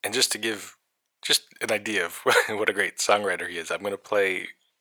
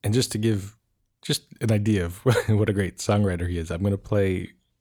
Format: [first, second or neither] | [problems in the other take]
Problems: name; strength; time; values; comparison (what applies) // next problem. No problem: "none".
second | thin; very; fading below 700 Hz